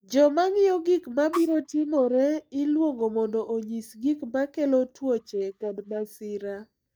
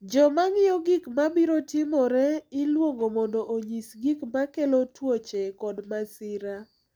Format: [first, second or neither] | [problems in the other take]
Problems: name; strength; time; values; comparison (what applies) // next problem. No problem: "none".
second | noise reduction (neural mask model DeepFilterNet 3)